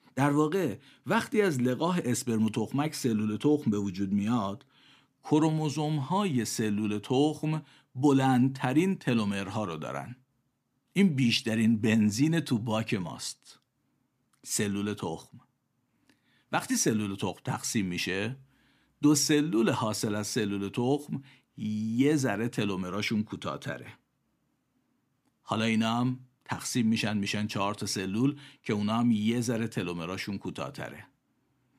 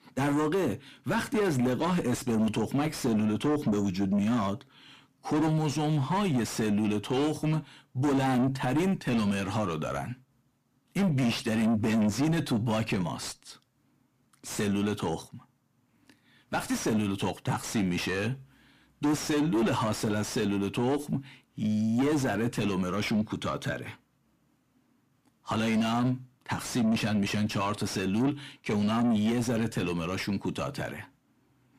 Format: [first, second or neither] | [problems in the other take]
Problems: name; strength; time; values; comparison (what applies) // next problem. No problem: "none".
first | distortion; heavy; 7 dB below the speech